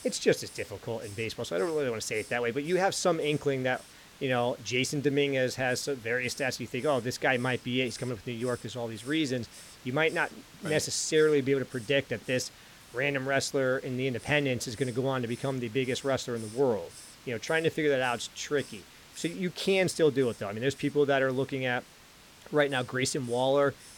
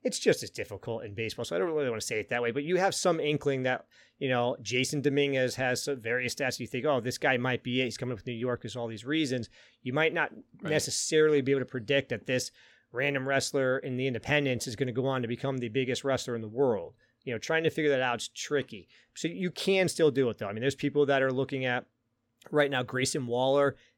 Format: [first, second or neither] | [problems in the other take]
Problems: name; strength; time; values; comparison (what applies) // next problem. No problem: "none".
second | hiss; noticeable; throughout; 20 dB below the speech